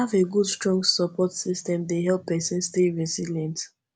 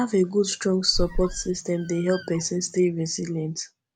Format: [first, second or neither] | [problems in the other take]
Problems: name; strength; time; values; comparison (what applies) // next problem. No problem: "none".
first | background sound (Squeak); 7 dB below the speech